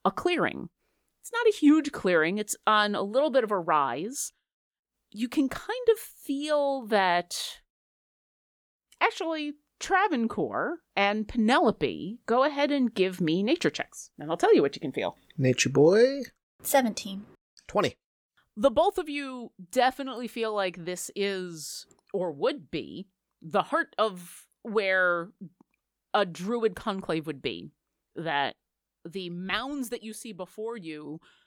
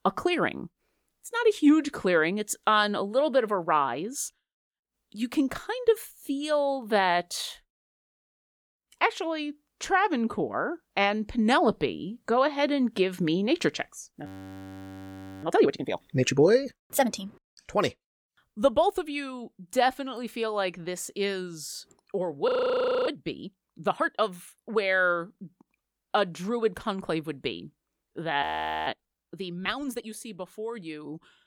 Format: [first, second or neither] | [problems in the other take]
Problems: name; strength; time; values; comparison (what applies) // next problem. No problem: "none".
first | audio freezing; at 14 s for 1 s, at 22 s for 0.5 s and at 28 s